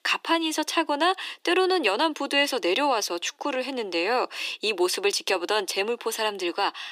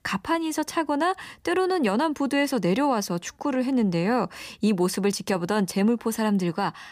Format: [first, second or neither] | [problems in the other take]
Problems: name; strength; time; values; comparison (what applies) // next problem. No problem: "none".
second | thin; somewhat; fading below 350 Hz